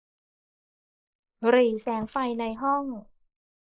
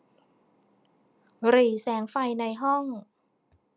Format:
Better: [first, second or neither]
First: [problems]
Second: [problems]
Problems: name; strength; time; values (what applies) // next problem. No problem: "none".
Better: second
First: noise reduction (neural mask model Resemble Enhance denoiser)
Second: none